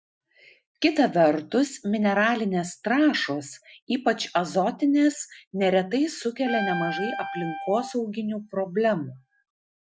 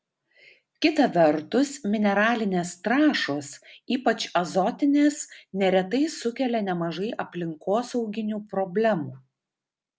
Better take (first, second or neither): second